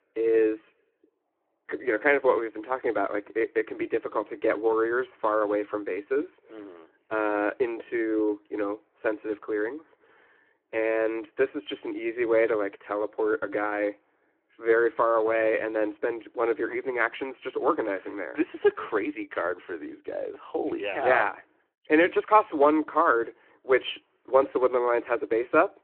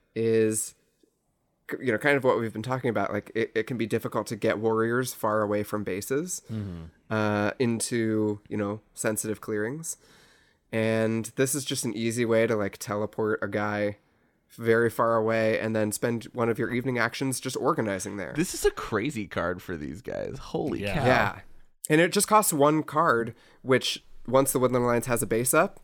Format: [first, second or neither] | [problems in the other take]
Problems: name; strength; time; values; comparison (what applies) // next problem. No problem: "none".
second | phone-call audio